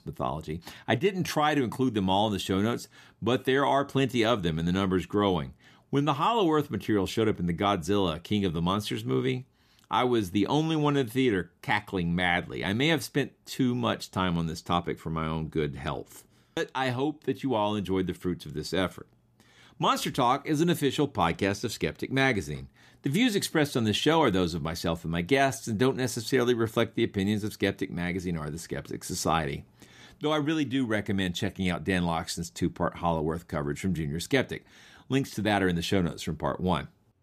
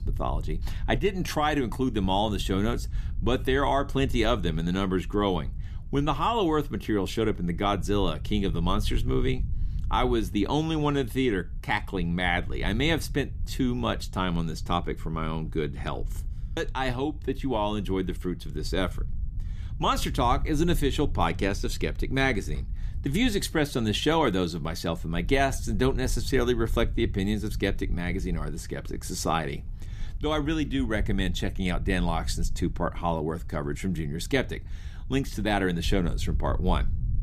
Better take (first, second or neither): first